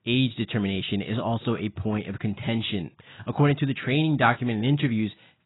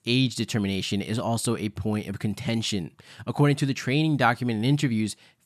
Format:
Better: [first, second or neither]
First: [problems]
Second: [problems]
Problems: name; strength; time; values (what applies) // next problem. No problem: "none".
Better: second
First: garbled, watery; badly; nothing above 4 kHz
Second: none